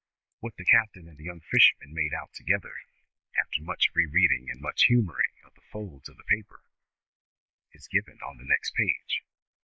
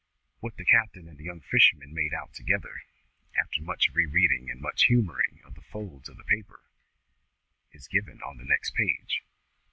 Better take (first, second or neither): second